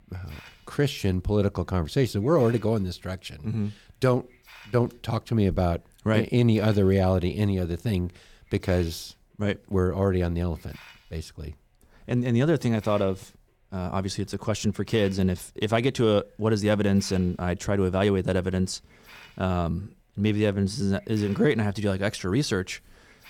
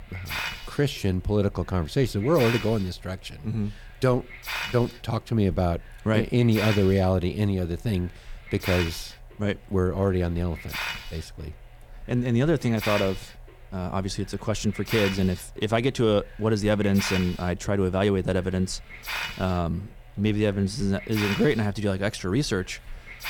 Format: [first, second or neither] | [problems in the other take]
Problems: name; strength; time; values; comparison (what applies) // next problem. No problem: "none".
first | hiss; loud; throughout; 8 dB below the speech; faint in the first